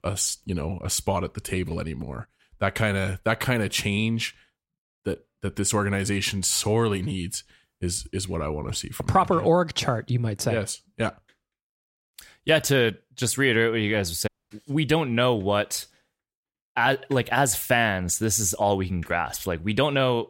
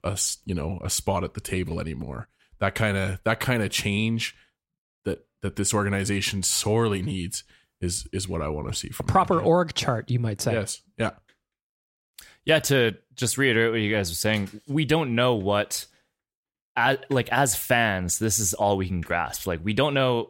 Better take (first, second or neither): second